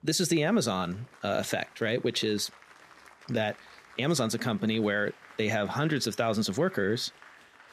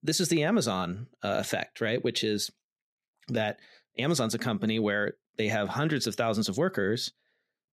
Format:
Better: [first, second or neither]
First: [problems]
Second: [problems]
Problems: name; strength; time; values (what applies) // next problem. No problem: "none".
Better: second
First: crowd noise; faint; throughout; 25 dB below the speech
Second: none